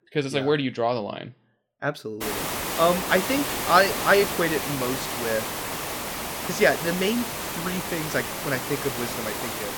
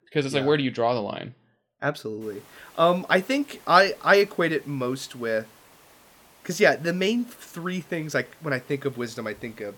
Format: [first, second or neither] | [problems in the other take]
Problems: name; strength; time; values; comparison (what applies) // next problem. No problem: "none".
second | hiss; loud; from 2 s on; 3 dB below the speech; faint in the second